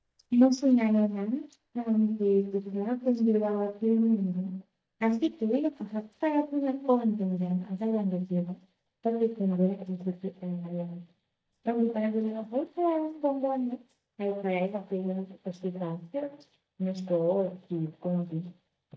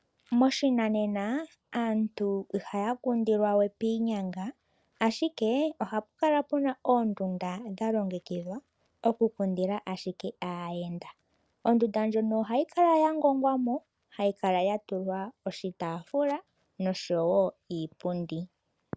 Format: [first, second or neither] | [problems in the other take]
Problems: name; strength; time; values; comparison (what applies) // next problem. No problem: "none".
second | noise reduction (neural mask model DeepFilterNet 3)